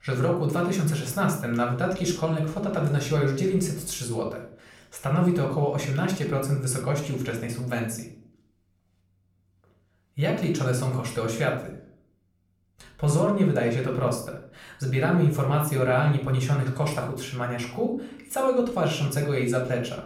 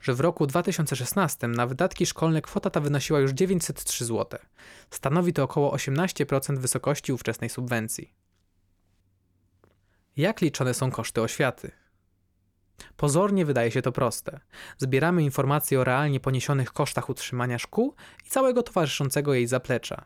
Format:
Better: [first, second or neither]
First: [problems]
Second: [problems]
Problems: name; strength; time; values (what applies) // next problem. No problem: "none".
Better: second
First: off-mic speech; somewhat distant // room echo; slight; dies away in 0.4 s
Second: none